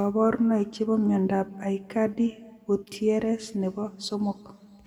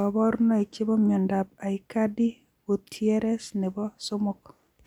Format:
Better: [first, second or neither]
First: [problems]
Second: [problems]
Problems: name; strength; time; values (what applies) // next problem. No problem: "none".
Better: second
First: room echo; dies away in 1.4 s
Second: none